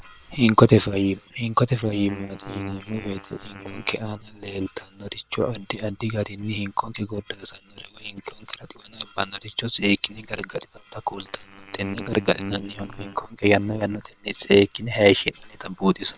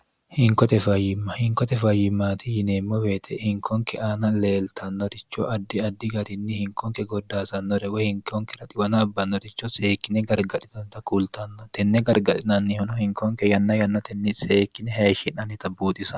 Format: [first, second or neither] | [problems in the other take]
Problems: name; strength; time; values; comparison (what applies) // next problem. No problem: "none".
second | noise reduction (neural separator model SepFormer WHAM!)